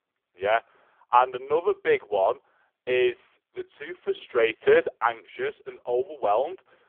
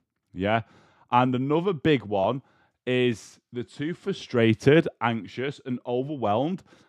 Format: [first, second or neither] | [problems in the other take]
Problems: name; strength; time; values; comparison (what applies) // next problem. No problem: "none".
second | phone-call audio; poor line; nothing above 3.5 kHz